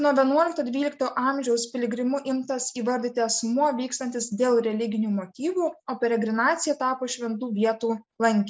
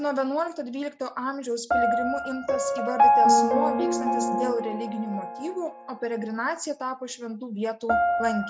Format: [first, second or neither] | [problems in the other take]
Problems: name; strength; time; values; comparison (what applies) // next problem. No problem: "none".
first | background sound (Piano); 4 dB above the speech